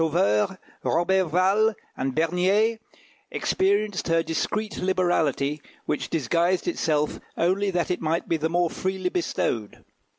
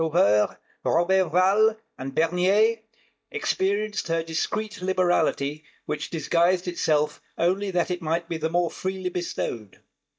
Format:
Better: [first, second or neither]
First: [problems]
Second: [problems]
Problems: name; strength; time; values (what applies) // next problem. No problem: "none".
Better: first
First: none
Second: noise reduction (neural mask model DeepFilterNet 3)